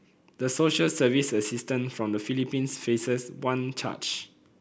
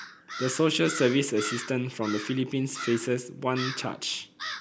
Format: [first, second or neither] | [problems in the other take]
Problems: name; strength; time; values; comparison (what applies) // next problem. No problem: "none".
first | background sound (Crow); 11 dB below the speech